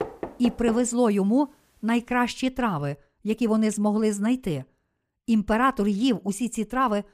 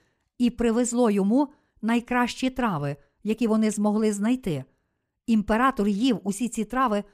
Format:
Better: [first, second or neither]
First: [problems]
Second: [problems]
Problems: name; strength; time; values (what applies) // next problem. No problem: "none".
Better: second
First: door banging; noticeable; at the start; peak 9 dB below the speech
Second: none